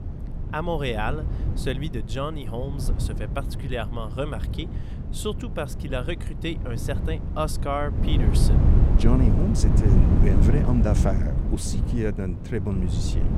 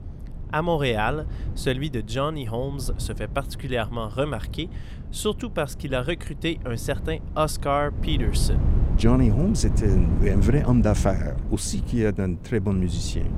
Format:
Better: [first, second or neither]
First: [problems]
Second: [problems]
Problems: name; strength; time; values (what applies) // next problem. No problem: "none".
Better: second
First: wind noise on the microphone; heavy; 5 dB below the speech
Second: wind noise on the microphone; occasional gusts; 15 dB below the speech